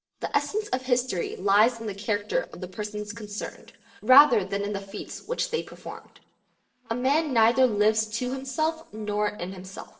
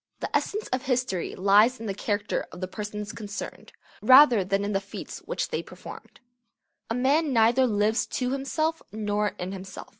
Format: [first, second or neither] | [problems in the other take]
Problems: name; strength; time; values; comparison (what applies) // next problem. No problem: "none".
second | noise reduction (neural separator model SepFormer DNS4)